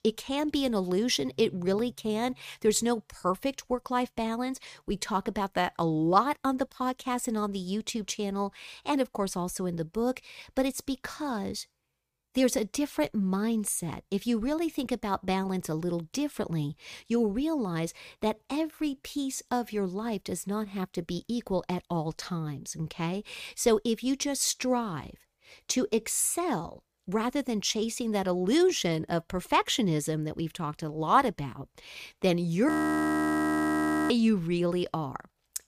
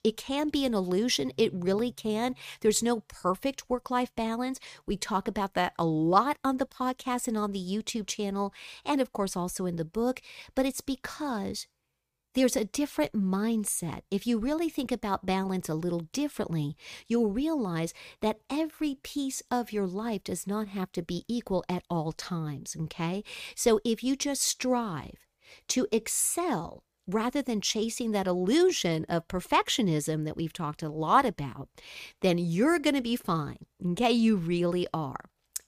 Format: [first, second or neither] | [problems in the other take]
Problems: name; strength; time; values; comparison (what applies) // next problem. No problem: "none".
second | audio freezing; at 33 s for 1.5 s